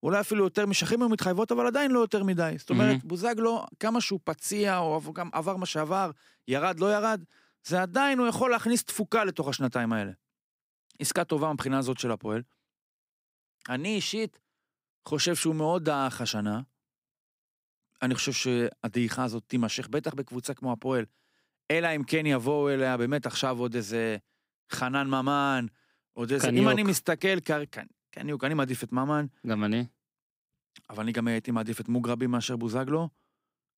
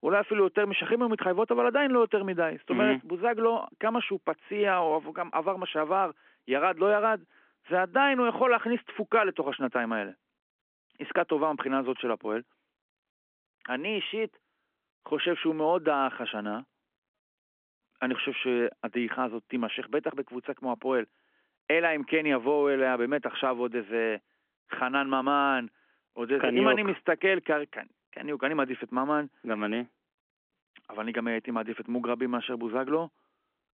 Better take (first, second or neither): first